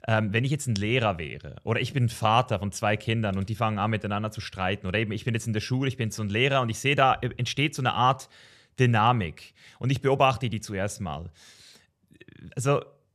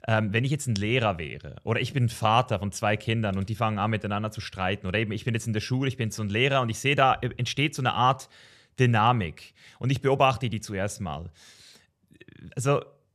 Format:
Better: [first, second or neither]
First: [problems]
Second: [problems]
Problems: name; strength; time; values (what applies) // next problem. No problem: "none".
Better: neither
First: none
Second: none